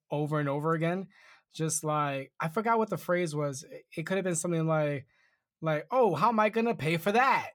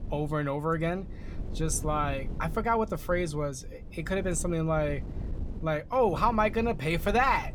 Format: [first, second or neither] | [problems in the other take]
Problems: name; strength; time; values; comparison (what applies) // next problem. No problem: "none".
first | wind noise on the microphone; occasional gusts; 20 dB below the speech